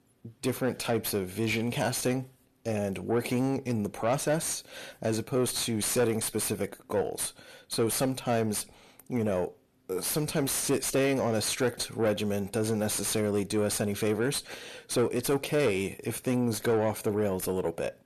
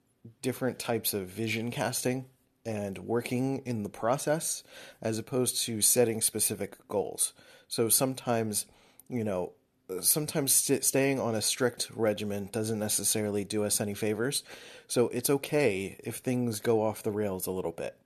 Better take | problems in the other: second | distortion; heavy; 7 dB below the speech

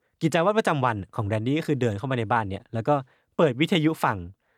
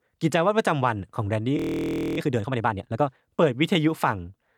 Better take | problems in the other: first | audio freezing; at 1.5 s for 0.5 s

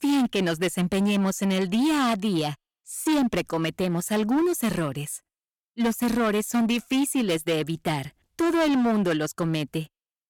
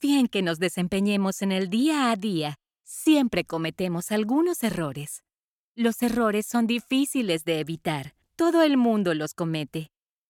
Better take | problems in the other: second | distortion; slight; 16% of the sound clipped

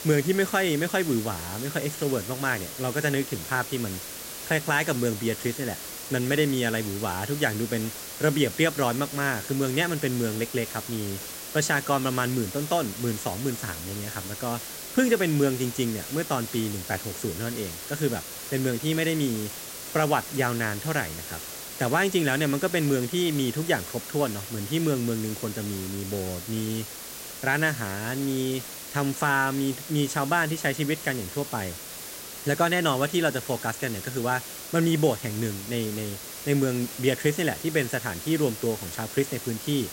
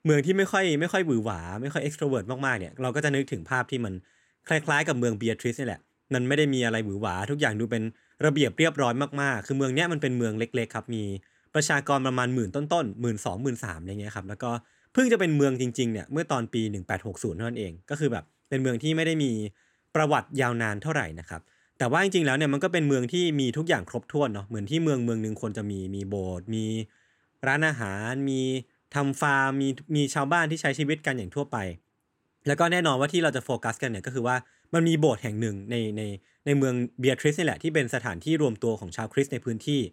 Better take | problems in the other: second | hiss; loud; throughout; 8 dB below the speech

